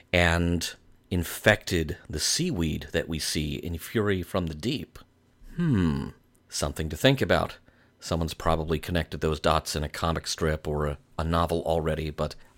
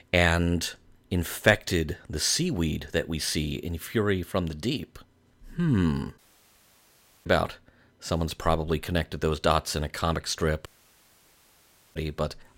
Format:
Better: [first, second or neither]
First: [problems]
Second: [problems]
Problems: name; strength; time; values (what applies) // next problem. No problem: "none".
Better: first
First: none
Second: audio cutting out; at 6 s for 1 s and at 11 s for 1.5 s